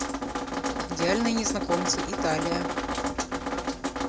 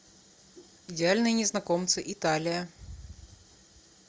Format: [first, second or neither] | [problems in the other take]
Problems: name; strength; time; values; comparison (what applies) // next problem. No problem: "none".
second | background sound (Drip); 1 dB above the speech